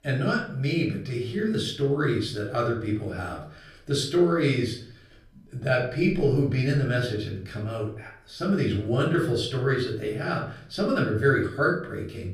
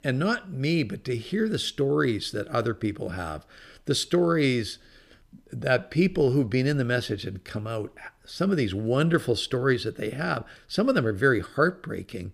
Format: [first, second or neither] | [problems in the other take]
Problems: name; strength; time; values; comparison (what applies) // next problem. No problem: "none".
second | off-mic speech; far // room echo; slight; dies away in 0.4 s